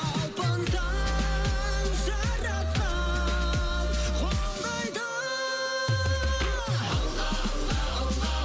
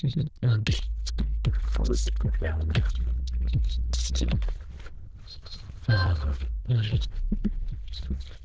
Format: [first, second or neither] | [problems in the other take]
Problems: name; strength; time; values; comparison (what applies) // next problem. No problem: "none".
first | noise reduction (neural diffusion model UNIVERSE++)